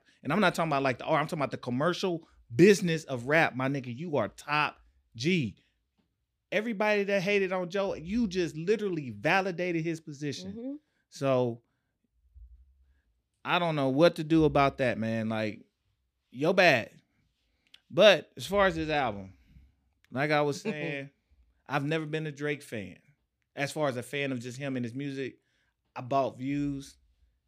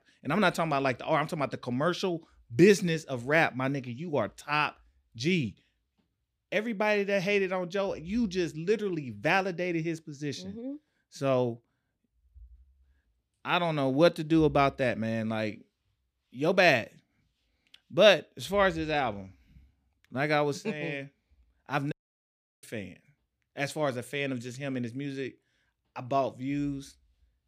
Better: first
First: none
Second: audio cutting out; at 22 s for 0.5 s

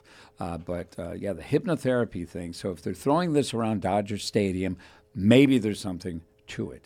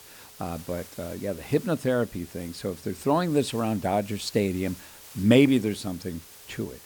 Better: first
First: none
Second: hiss; noticeable; throughout; 20 dB below the speech

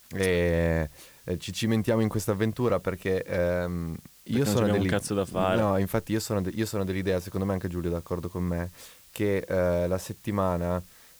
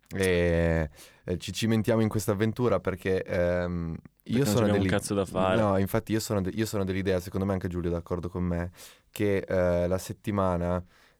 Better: second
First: hiss; faint; throughout; 25 dB below the speech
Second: none

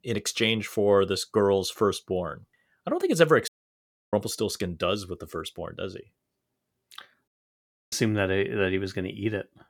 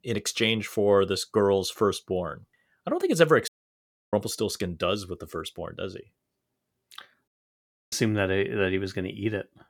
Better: neither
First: audio cutting out; at 3.5 s for 0.5 s and at 7.5 s for 0.5 s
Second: audio cutting out; at 3.5 s for 0.5 s and at 7.5 s for 0.5 s

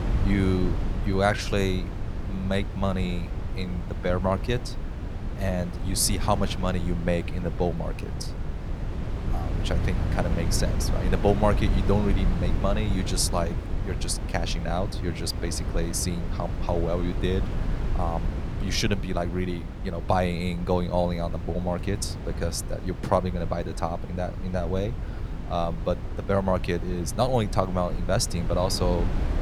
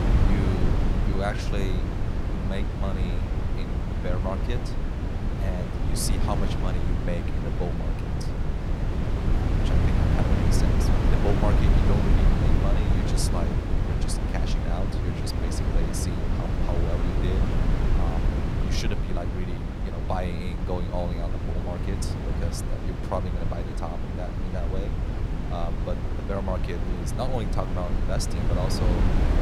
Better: first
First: wind noise on the microphone; occasional gusts; 10 dB below the speech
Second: wind noise on the microphone; heavy; as loud as the speech

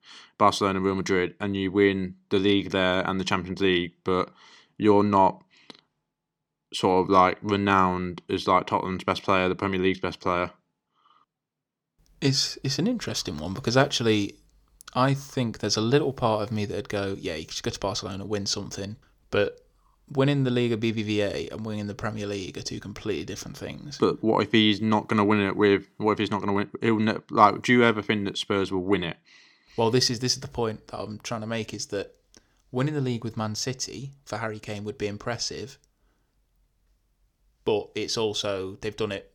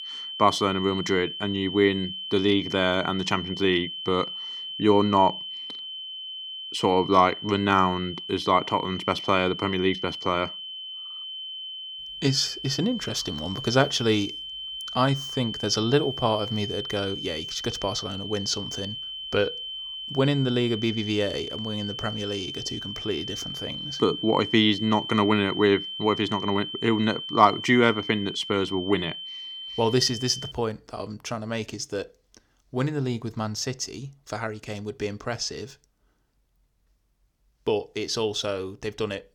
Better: first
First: none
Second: high-pitched whine; loud; until 31 s; 3 kHz, 8 dB below the speech

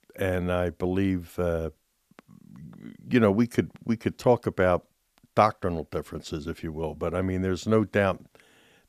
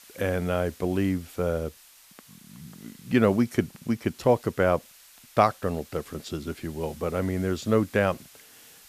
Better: first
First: none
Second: hiss; faint; throughout; 25 dB below the speech

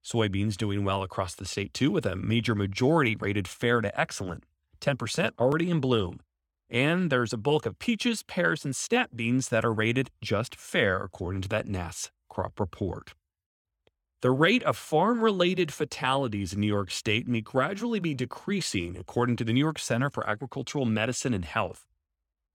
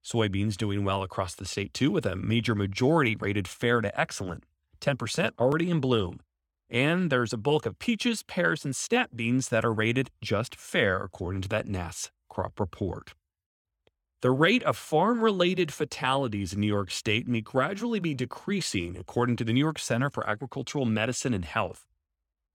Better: neither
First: none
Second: none

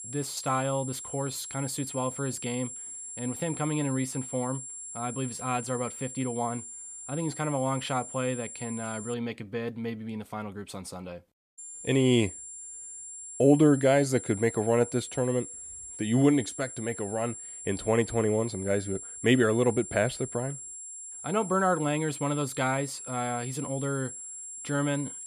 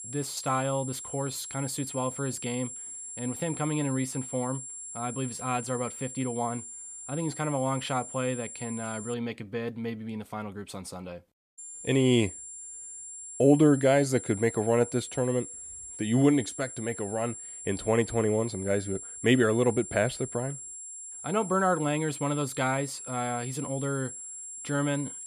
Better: neither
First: high-pitched whine; loud; until 9 s and from 12 s on; 7.5 kHz, 10 dB below the speech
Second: high-pitched whine; loud; until 9 s and from 12 s on; 7.5 kHz, 10 dB below the speech

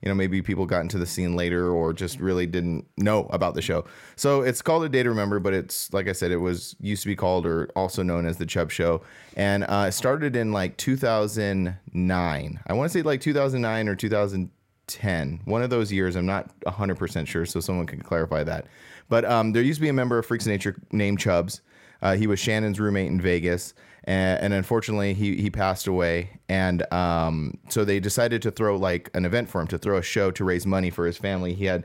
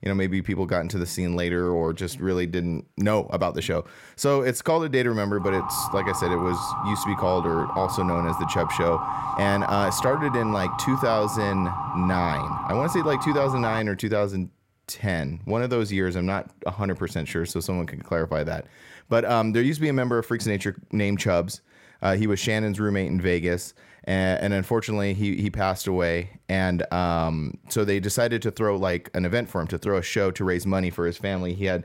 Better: first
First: none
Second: siren; noticeable; from 5.5 to 14 s; peak 2 dB below the speech

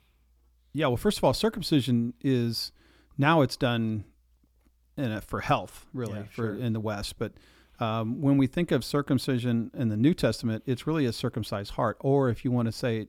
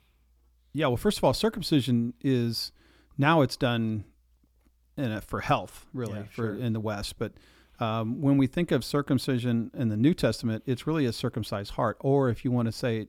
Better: neither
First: none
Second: none

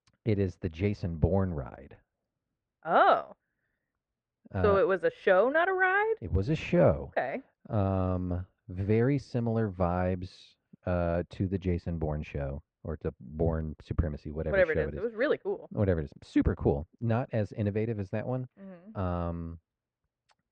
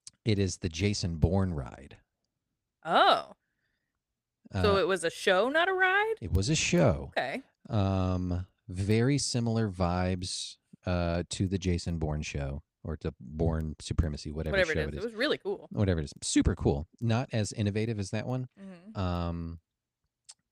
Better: second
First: muffled; very; fading above 1.5 kHz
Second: none

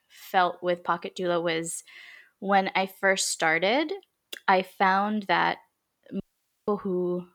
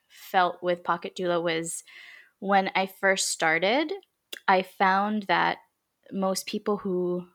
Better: second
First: audio cutting out; at 6 s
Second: none

